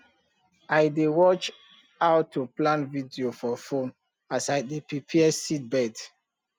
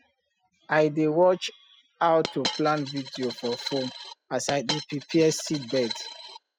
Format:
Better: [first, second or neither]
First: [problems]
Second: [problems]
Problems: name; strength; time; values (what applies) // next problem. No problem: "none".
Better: first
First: none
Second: noise reduction (classical method spectral subtraction)